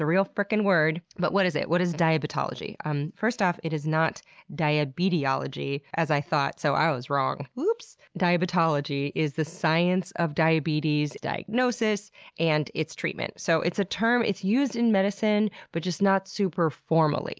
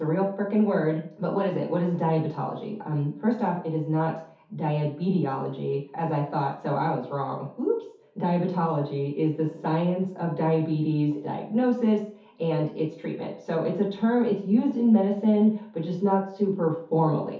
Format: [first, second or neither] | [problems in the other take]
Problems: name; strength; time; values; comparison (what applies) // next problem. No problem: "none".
first | room echo; dies away in 0.5 s